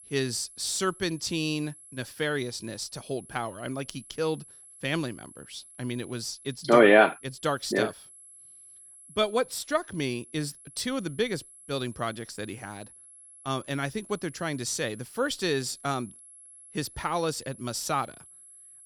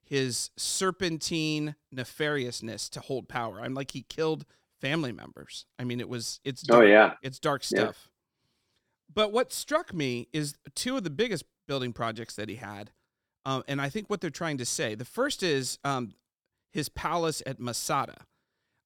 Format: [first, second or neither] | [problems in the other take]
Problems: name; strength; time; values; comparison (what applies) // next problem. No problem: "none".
second | high-pitched whine; noticeable; throughout; 11 kHz, 20 dB below the speech